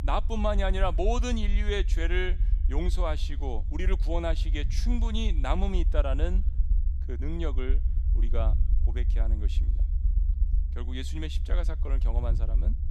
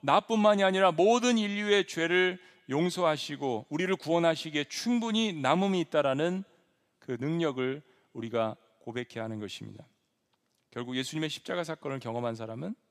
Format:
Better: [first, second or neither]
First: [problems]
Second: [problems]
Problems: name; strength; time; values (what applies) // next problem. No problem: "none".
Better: second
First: low rumble; noticeable; throughout; 15 dB below the speech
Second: none